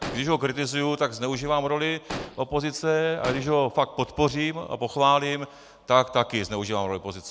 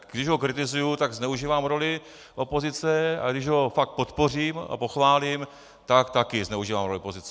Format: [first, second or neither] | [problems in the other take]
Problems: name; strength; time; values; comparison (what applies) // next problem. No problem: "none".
second | background sound (Explosion); 13 dB below the speech